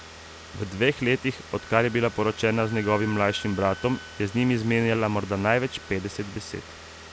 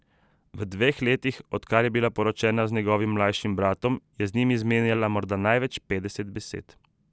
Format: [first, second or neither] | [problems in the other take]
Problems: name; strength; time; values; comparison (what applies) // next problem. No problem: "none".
second | background sound (Car + Wind instrument, woodwind instrument); 16 dB below the speech